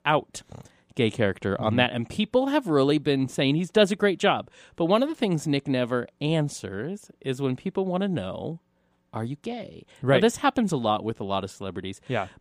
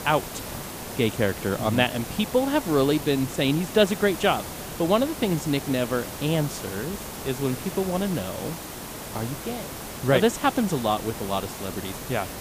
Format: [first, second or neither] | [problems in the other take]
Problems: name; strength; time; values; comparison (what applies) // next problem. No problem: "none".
first | hiss; loud; throughout; 9 dB below the speech